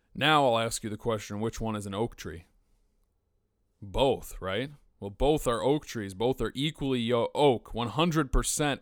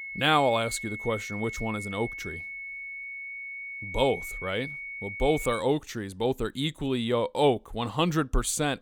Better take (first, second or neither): first